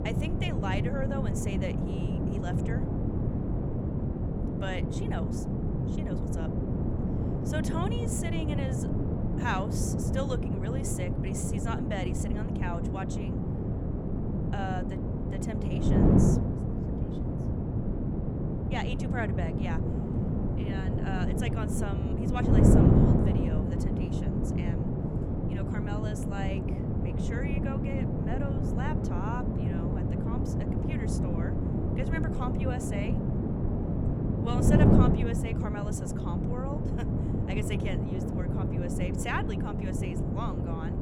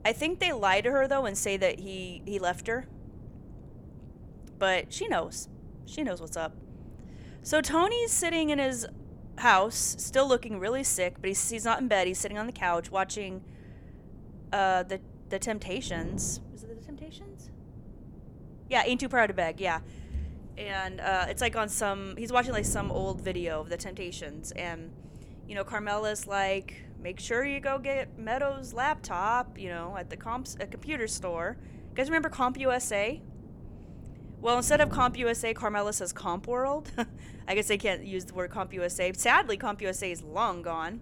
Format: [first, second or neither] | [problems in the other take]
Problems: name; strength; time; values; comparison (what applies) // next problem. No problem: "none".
second | wind noise on the microphone; heavy; 2 dB above the speech; occasional gusts in the second